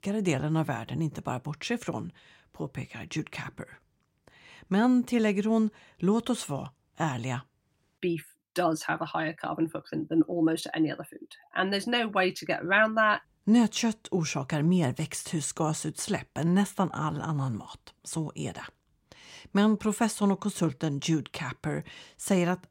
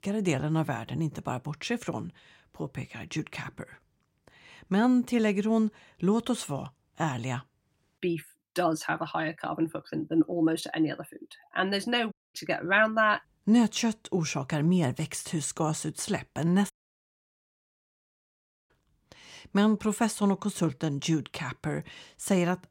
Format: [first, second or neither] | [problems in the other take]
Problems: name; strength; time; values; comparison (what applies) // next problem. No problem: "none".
first | audio cutting out; at 12 s and at 17 s for 2 s